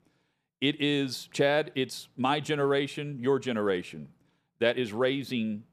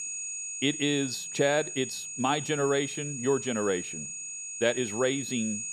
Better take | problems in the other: first | high-pitched whine; loud; throughout; 6.5 kHz, 6 dB below the speech

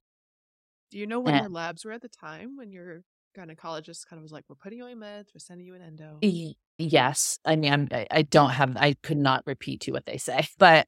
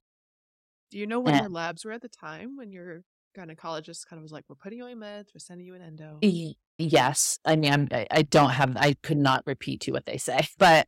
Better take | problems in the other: first | distortion; slight; 1.1% of the sound clipped

